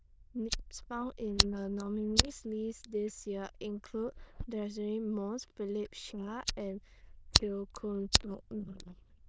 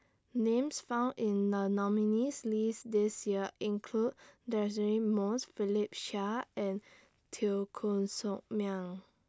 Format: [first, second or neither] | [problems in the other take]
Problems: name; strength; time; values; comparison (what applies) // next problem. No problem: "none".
second | noise reduction (neural diffusion model UNIVERSE++)